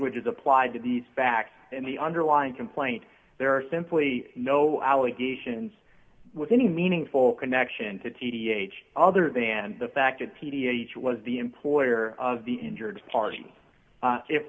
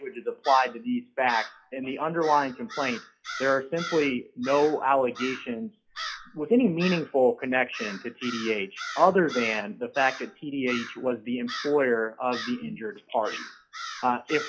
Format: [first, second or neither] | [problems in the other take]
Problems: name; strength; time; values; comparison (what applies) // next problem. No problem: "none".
first | noise reduction (classical method log-MMSE)